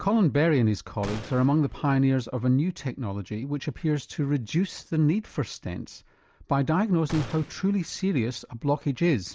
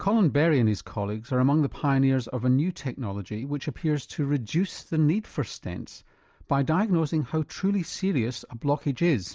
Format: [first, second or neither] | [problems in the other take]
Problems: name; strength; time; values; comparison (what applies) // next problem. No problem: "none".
second | background sound (Gunshot, gunfire); 15 dB below the speech